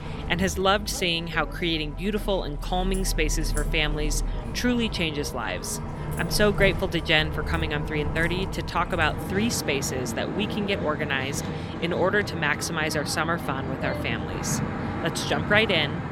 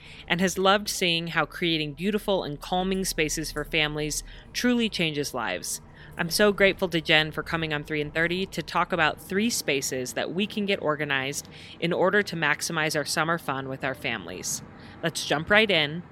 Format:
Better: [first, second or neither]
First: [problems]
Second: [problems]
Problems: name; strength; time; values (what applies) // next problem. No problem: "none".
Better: second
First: traffic noise; loud; throughout; 6 dB below the speech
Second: traffic noise; faint; throughout; 25 dB below the speech